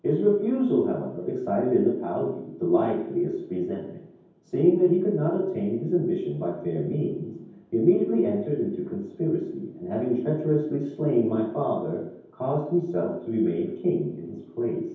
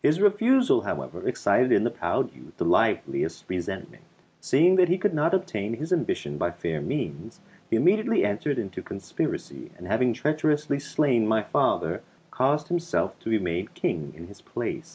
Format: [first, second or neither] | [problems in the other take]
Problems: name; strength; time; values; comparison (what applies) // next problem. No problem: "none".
second | room echo; dies away in 0.9 s